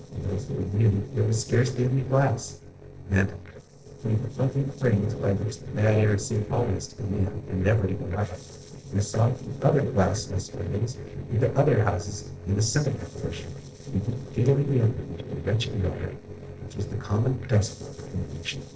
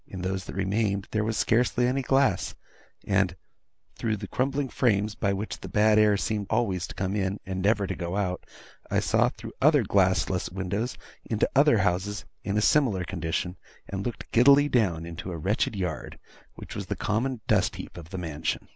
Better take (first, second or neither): second